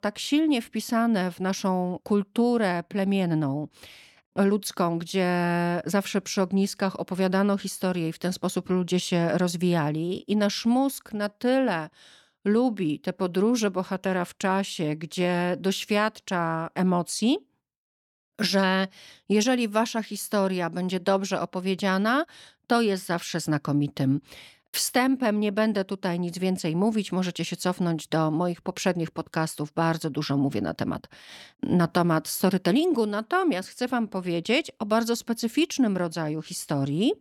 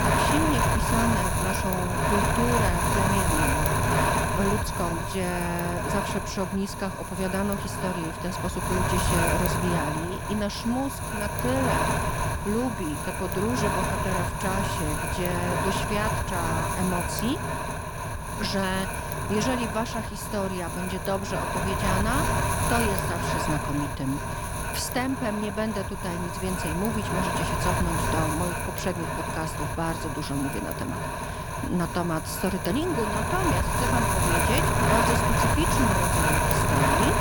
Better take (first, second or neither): first